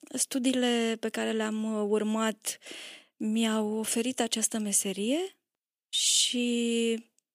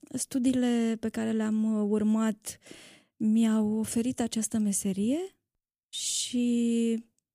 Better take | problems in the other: second | thin; somewhat; fading below 350 Hz

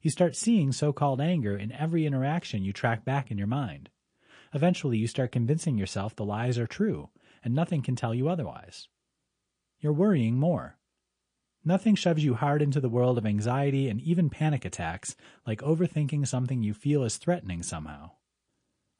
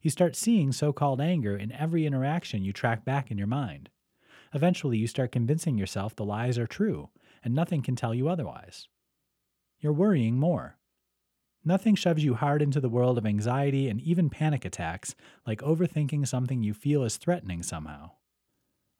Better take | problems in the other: second | garbled, watery; slightly

